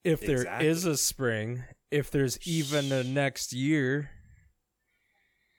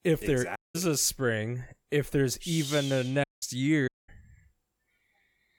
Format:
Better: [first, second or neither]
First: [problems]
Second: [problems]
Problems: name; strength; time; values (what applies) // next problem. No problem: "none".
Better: first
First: none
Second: audio cutting out; at 0.5 s, at 3 s and at 4 s